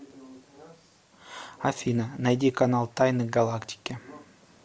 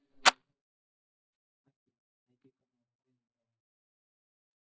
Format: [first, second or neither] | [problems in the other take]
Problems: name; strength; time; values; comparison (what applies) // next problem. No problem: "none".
first | noise reduction (neural mask model DeepFilterNet 3)